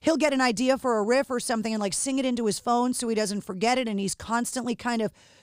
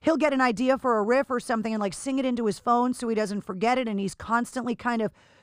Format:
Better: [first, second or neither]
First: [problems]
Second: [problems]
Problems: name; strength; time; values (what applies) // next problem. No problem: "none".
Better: first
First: none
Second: muffled; slightly; fading above 3.5 kHz